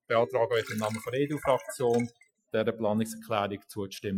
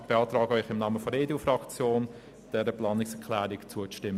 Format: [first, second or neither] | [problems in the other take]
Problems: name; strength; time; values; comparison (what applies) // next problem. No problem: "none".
second | noise reduction (classical method Wiener filter)